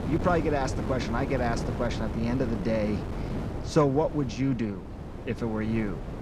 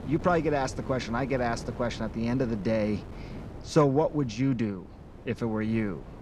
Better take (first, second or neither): second